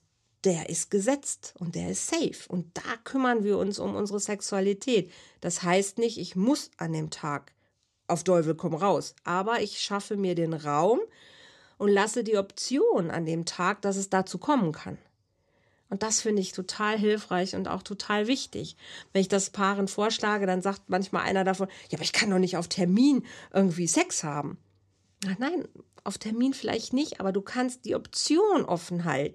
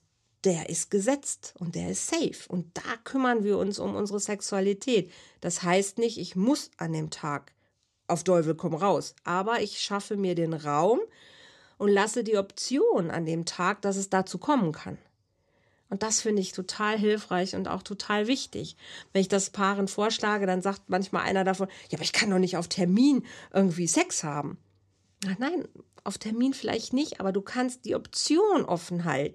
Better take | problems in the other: neither | none

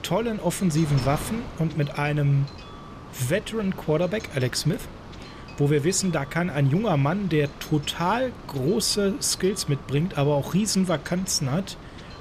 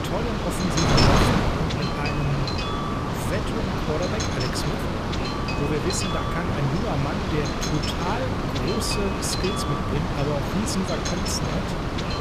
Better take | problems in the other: first | wind noise on the microphone; heavy; 5 dB above the speech; occasional gusts in the first

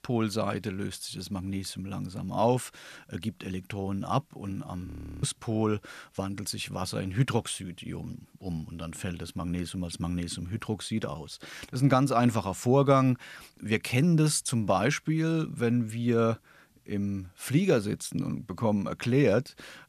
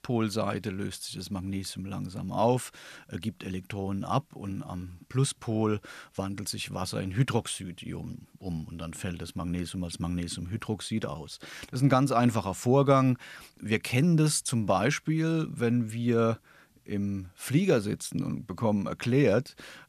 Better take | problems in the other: second | audio freezing; at 5 s

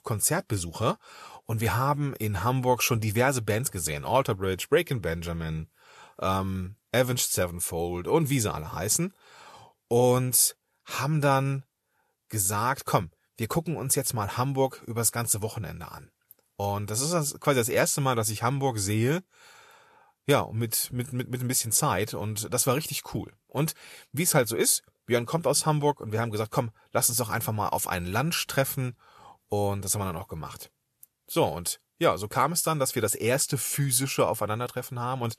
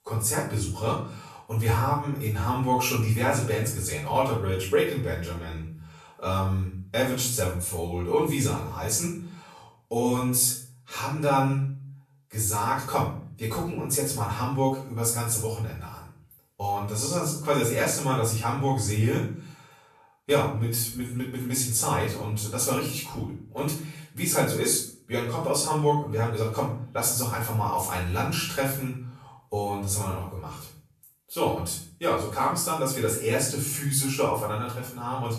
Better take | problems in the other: first | off-mic speech; far // room echo; noticeable; dies away in 0.5 s

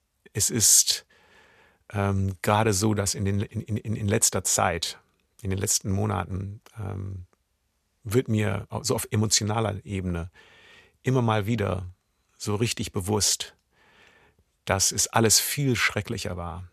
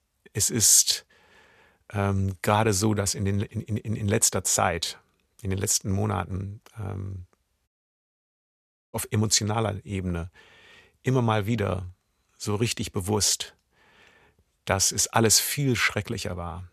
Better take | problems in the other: first | audio cutting out; at 7.5 s for 1.5 s

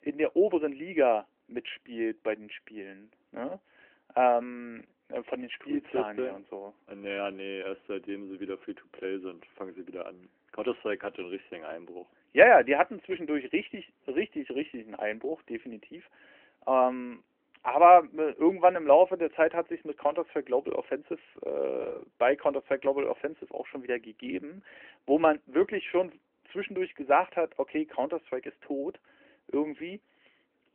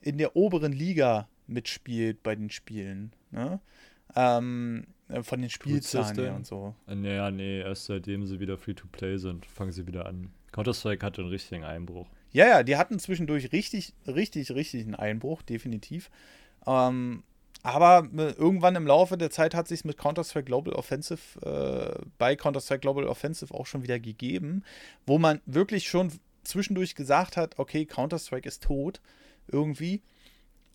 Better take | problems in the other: second | phone-call audio

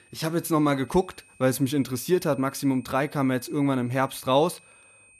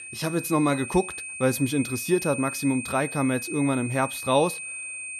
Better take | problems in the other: first | high-pitched whine; loud; throughout; 2.5 kHz, 8 dB below the speech; faint in the first

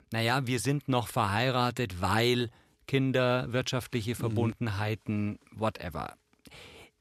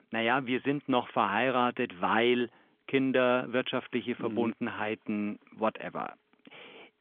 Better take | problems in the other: first | phone-call audio; nothing above 3.5 kHz

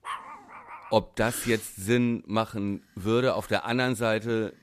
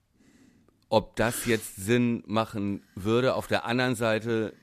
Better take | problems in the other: second | dog barking; faint; at the start; peak 10 dB below the speech

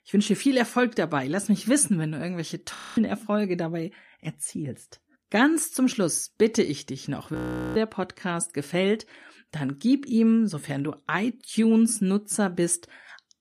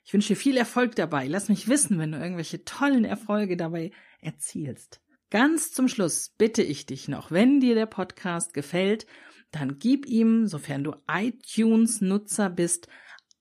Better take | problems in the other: second | audio freezing; at 3 s and at 7.5 s

